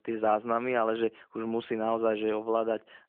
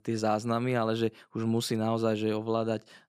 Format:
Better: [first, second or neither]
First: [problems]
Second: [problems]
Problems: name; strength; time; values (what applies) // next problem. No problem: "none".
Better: second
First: phone-call audio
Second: none